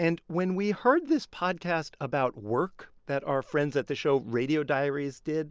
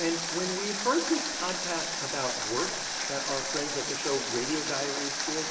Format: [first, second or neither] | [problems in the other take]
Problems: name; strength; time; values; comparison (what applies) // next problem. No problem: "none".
first | background sound (Water); as loud as the speech // room echo; dies away in 1.2 s